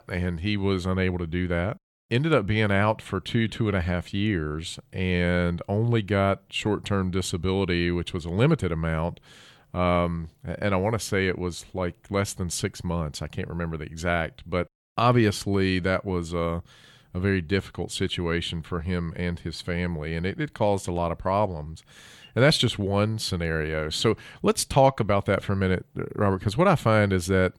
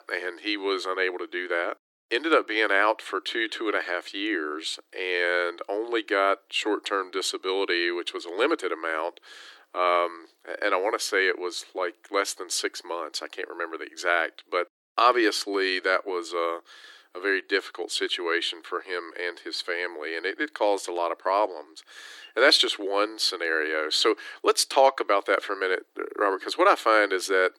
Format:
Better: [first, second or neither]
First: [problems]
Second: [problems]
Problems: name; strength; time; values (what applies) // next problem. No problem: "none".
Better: first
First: none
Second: thin; very; fading below 300 Hz